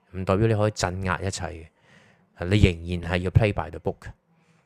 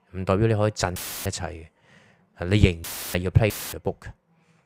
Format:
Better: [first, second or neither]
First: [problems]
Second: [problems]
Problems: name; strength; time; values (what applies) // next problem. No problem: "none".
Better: first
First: none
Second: audio cutting out; filled with static; at 1 s, at 3 s and at 3.5 s